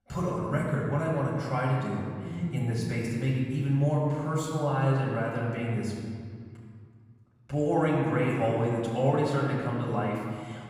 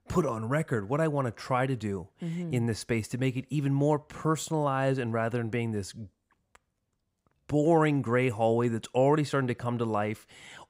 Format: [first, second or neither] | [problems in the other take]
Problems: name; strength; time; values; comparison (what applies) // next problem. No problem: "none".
second | off-mic speech; far // room echo; noticeable; dies away in 1.9 s